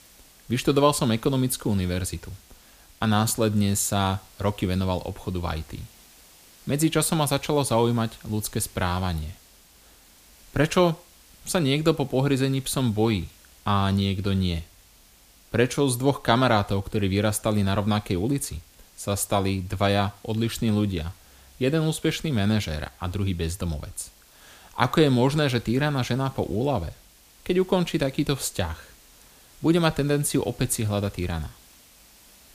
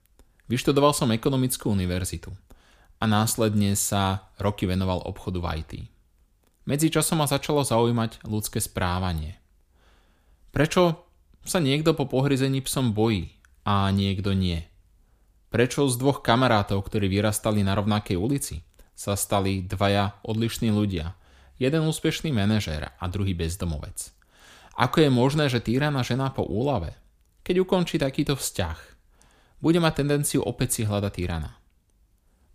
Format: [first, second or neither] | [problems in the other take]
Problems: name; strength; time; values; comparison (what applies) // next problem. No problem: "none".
second | hiss; faint; throughout; 25 dB below the speech